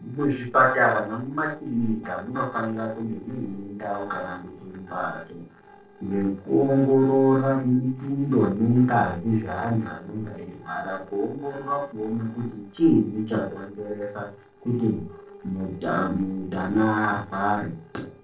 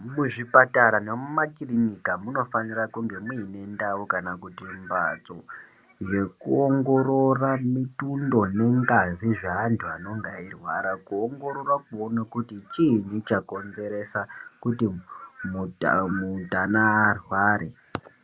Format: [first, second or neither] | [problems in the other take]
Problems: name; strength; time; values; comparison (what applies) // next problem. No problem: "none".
second | noise reduction (neural separator model SepFormer DNS4)